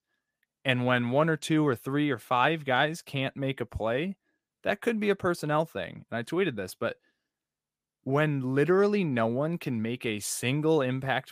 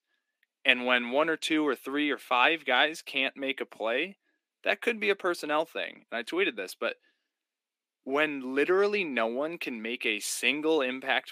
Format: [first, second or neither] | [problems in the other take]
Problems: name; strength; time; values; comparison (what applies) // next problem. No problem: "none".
first | thin; very slightly; fading below 250 Hz